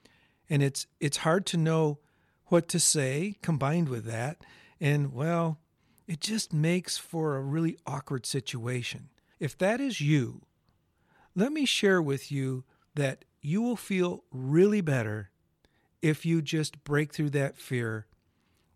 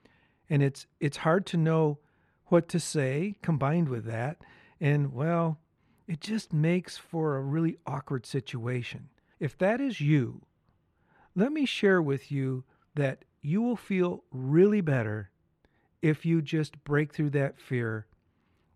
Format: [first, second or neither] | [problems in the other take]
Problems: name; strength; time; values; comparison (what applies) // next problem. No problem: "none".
first | muffled; slightly; fading above 3.5 kHz